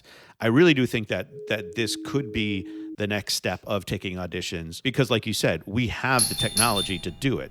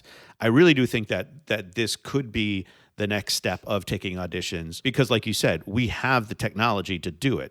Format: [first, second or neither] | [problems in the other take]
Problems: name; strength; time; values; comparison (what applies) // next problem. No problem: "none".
second | siren; faint; from 1.5 to 3 s; peak 10 dB below the speech // doorbell; loud; at 6 s; peak 3 dB above the speech